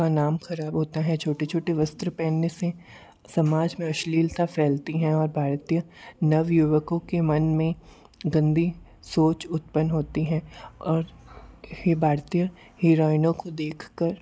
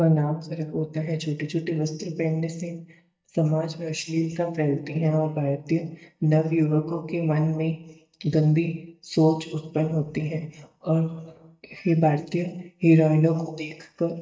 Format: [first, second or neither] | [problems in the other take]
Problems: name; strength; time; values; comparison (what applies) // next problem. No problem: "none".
first | noise reduction (neural mask model DeepFilterNet 3)